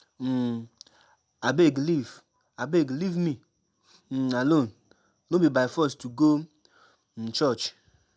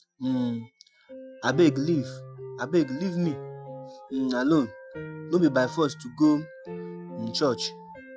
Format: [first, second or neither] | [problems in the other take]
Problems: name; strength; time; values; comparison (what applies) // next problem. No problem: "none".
first | noise reduction (classical method Wiener filter)